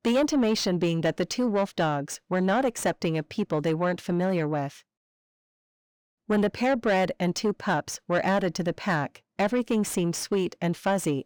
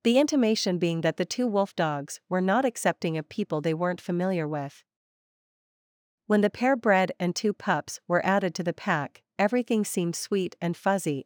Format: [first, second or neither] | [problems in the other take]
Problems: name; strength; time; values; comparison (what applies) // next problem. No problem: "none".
second | distortion; slight; 10 dB below the speech